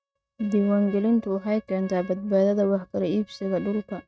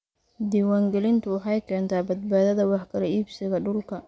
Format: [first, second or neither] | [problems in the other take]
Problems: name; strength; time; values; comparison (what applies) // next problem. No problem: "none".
second | noise reduction (neural mask model RNNoise)